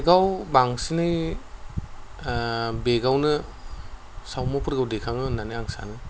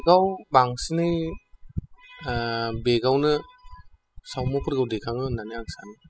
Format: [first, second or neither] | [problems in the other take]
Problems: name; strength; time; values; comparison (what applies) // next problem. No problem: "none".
first | noise reduction (classical method spectral subtraction)